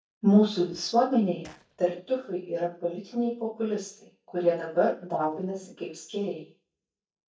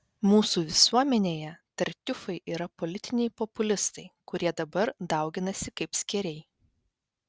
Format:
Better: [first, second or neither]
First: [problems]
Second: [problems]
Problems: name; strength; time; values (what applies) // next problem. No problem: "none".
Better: second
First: noise reduction (neural mask model DeepFilterNet 3)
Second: none